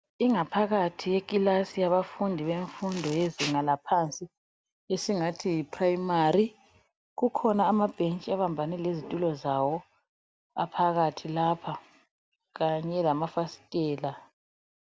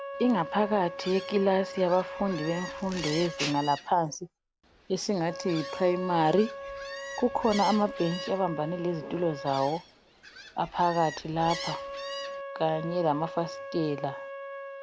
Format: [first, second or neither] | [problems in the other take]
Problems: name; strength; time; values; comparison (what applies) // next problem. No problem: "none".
first | background sound (Wind instrument, woodwind instrument + Gull, seagull); 11 dB below the speech